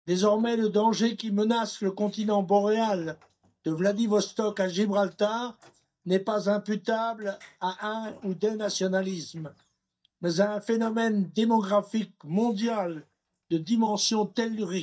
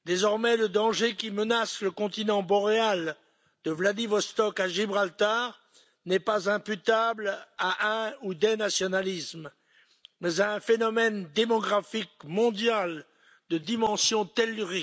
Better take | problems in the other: second | noise reduction (neural mask model DeepFilterNet 3)

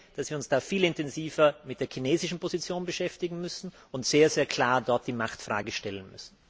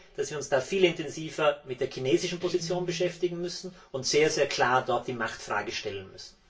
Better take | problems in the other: first | background sound (Guitar); 17 dB below the speech // room echo; dies away in 0.2 s

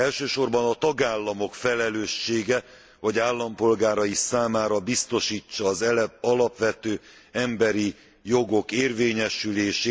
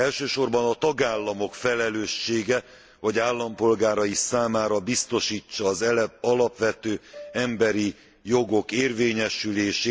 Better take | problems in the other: first | background sound (Piano); 19 dB below the speech

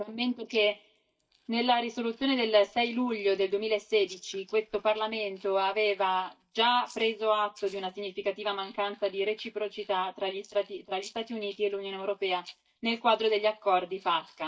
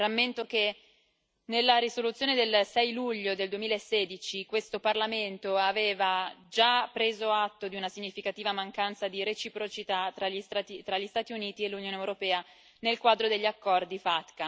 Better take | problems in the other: second | noise reduction (neural mask model DeepFilterNet 3)

